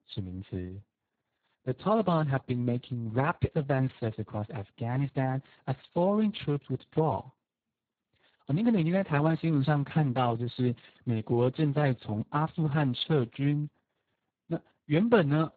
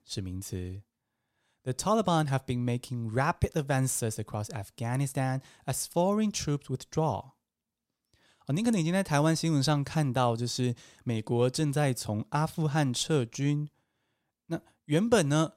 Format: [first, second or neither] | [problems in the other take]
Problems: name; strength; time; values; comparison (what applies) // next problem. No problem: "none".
second | garbled, watery; badly; nothing above 4 kHz